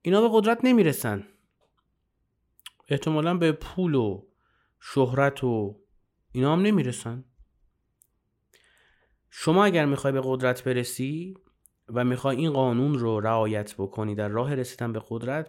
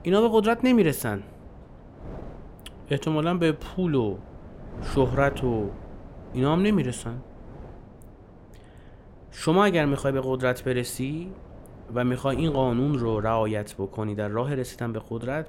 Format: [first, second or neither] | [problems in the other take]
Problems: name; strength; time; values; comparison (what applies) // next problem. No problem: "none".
first | wind noise on the microphone; occasional gusts; 20 dB below the speech